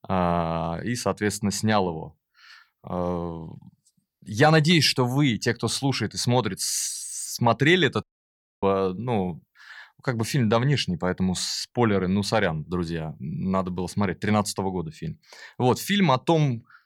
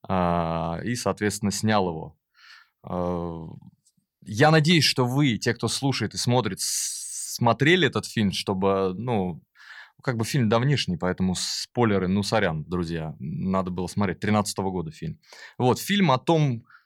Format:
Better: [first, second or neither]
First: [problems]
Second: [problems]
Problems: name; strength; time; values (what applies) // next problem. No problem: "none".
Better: second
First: audio cutting out; at 8 s for 0.5 s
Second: none